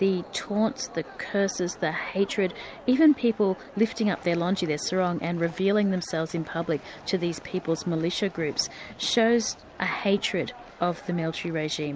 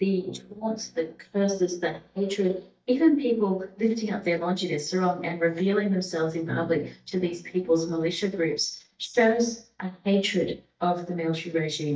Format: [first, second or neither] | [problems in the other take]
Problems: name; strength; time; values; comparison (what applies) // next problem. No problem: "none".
first | noise reduction (neural mask model DeepFilterNet 3)